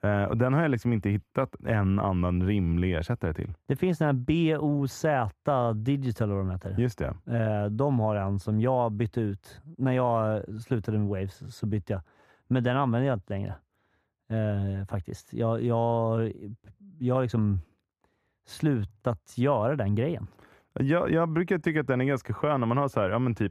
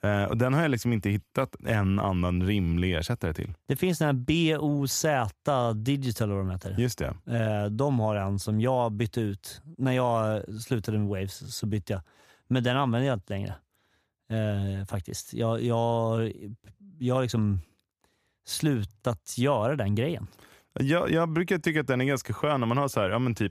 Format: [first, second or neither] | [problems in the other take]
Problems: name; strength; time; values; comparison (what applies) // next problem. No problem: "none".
second | muffled; slightly; fading above 3 kHz